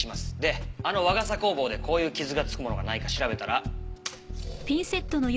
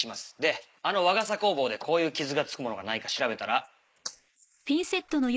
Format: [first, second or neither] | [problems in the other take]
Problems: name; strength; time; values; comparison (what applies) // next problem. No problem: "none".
first | noise reduction (neural mask model Resemble Enhance denoiser)